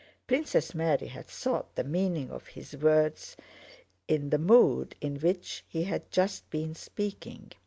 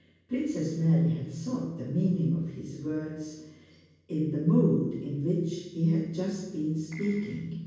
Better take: first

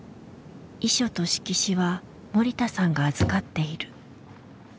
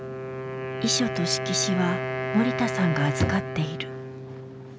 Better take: first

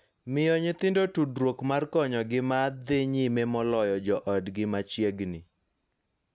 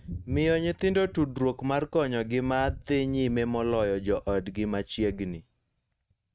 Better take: first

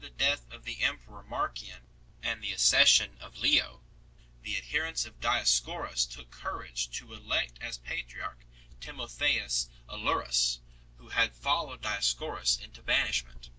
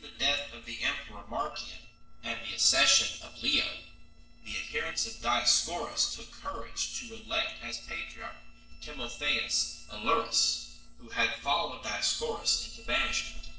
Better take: first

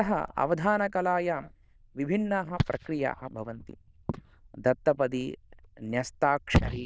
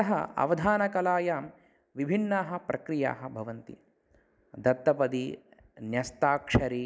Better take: second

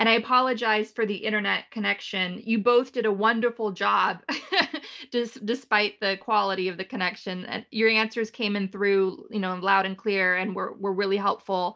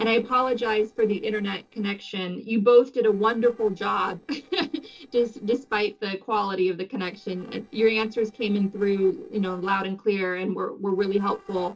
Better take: first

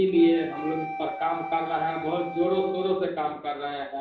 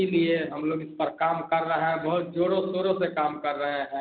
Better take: second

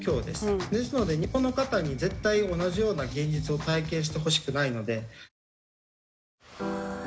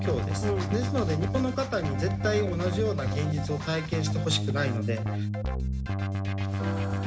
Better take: first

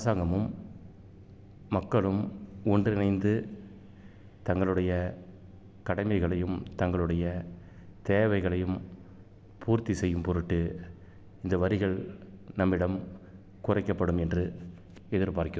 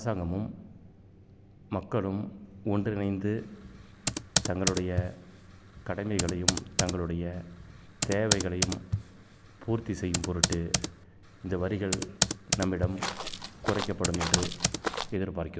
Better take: first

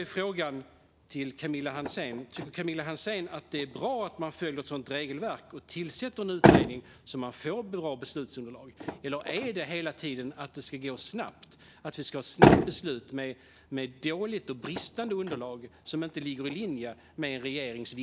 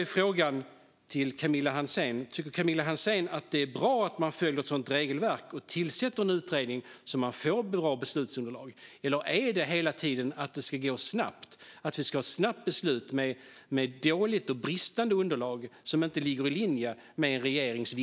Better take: second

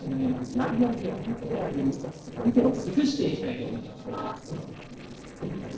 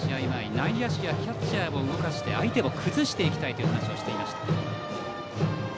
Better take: second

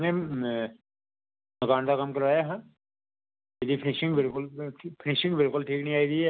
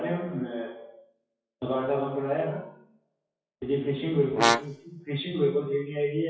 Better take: first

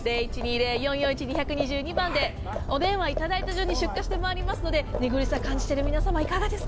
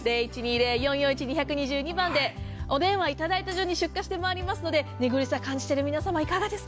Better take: second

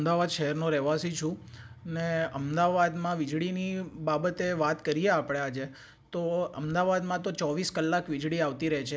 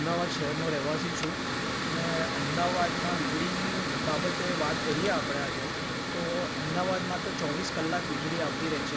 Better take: first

